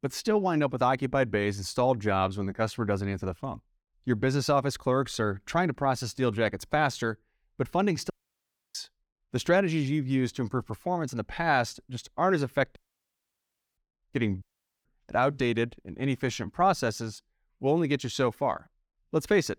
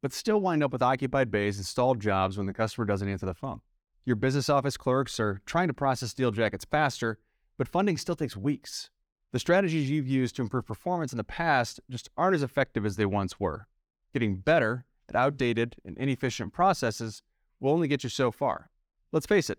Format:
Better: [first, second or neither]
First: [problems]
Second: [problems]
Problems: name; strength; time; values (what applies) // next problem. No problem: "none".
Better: second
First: audio cutting out; at 8 s for 0.5 s, at 13 s for 1 s and at 14 s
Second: none